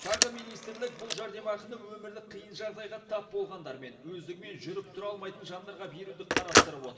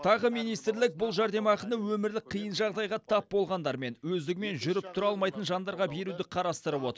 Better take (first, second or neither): second